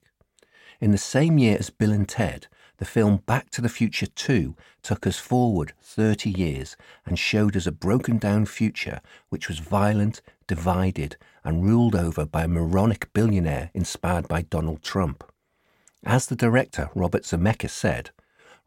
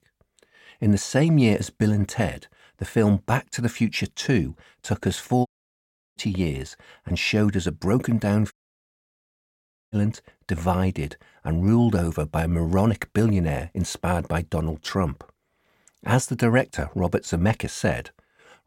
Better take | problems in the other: first | audio cutting out; at 5.5 s for 0.5 s and at 8.5 s for 1.5 s

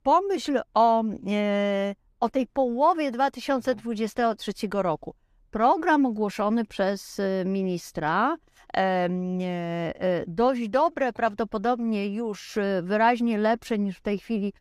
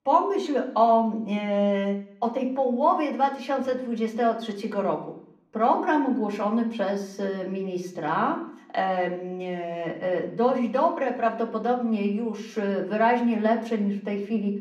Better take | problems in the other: first | room echo; slight; dies away in 0.7 s // off-mic speech; somewhat distant

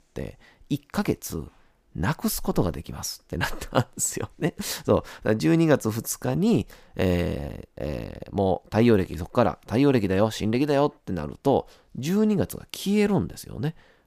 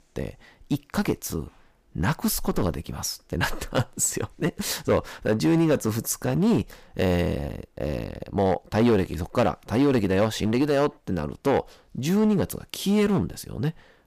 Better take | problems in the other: first | distortion; slight; 5% of the sound clipped

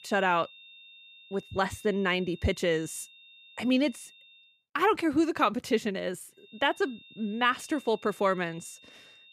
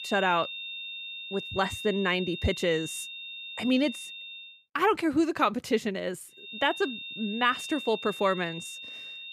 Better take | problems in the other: first | high-pitched whine; loud; until 4.5 s and from 6.5 s on; 3.5 kHz, 9 dB below the speech; faint in the first

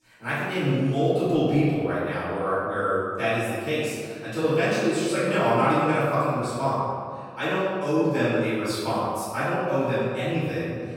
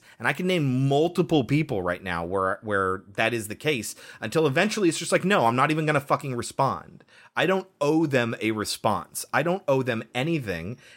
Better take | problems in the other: second | off-mic speech; far // room echo; strong; dies away in 1.8 s

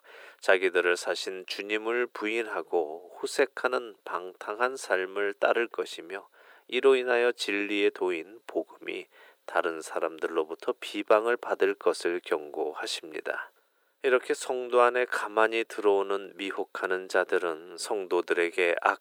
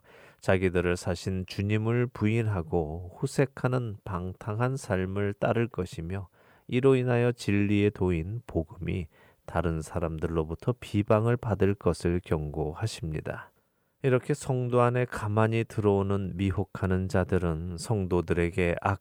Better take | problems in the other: second | thin; very; fading below 350 Hz

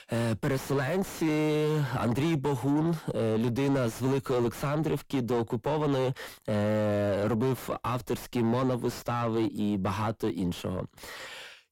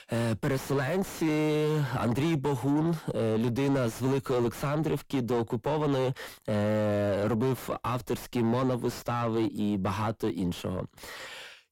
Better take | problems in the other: neither | distortion; heavy; 5 dB below the speech; the same in both

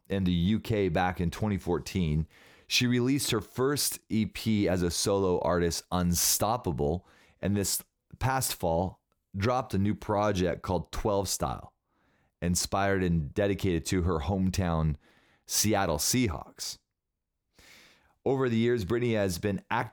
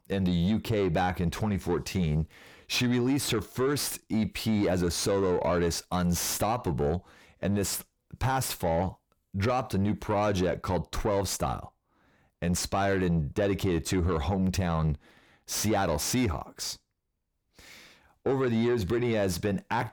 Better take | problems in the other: first | distortion; slight; 10 dB below the speech

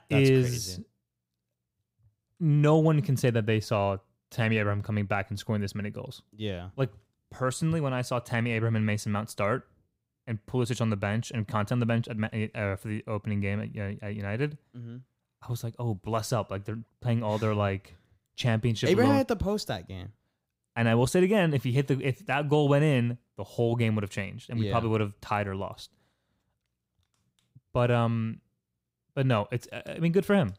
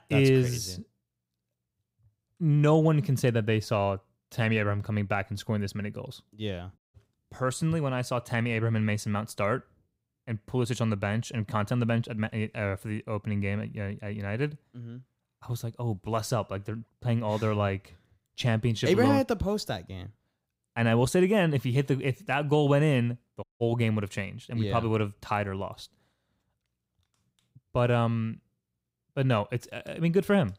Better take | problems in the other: first | audio cutting out; at 7 s and at 23 s

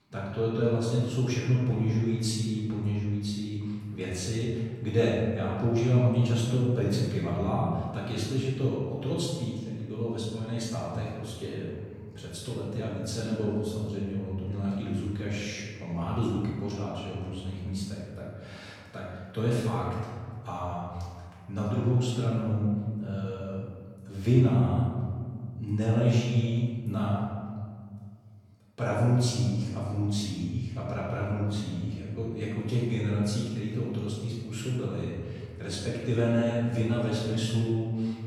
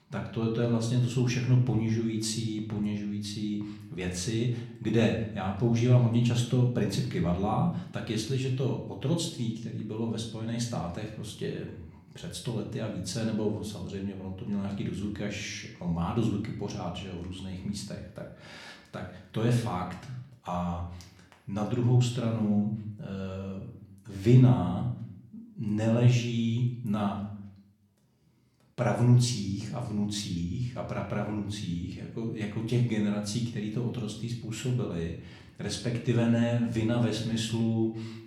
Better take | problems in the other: second | room echo; strong; dies away in 1.7 s; slight in the second // off-mic speech; far; somewhat distant in the second

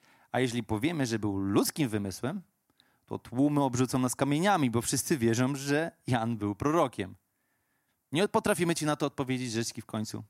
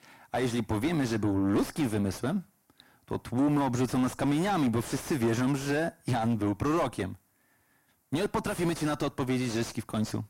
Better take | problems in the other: first | distortion; heavy; 5 dB below the speech

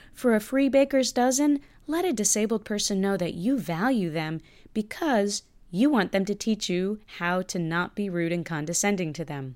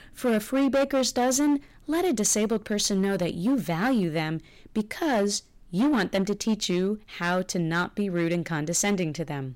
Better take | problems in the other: first | distortion; slight; 9% of the sound clipped

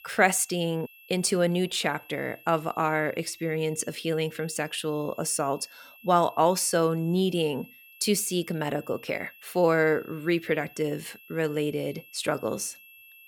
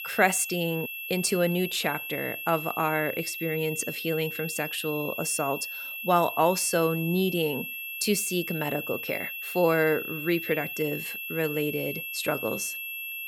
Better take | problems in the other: first | high-pitched whine; loud; throughout; 2.5 kHz, 6 dB below the speech; faint in the first

